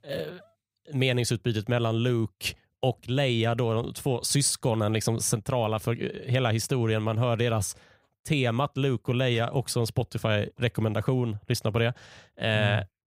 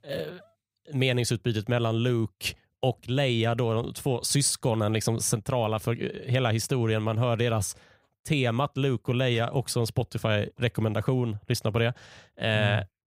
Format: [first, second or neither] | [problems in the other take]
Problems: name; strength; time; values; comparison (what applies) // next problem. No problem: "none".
neither | none